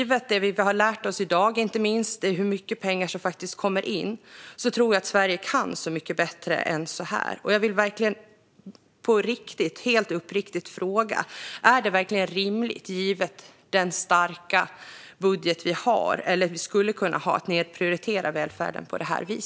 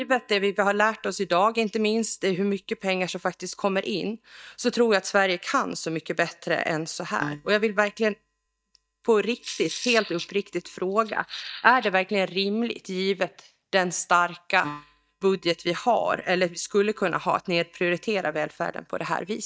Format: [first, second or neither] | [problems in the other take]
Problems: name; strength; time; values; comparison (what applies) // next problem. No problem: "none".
first | noise reduction (neural mask model DeepFilterNet 3)